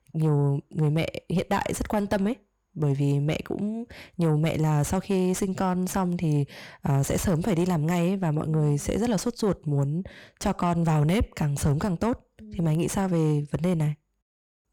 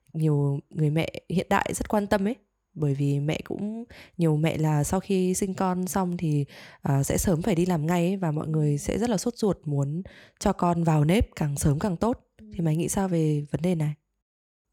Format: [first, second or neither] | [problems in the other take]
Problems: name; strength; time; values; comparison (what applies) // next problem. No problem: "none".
second | distortion; slight; 10 dB below the speech